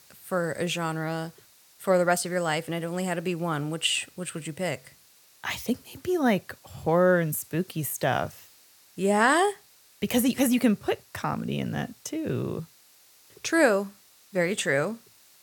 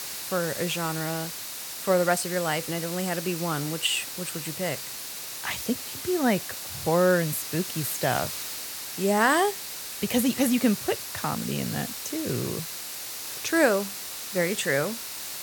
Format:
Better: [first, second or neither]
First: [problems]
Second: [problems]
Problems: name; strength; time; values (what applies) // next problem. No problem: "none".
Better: first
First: hiss; faint; throughout; 25 dB below the speech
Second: hiss; loud; throughout; 6 dB below the speech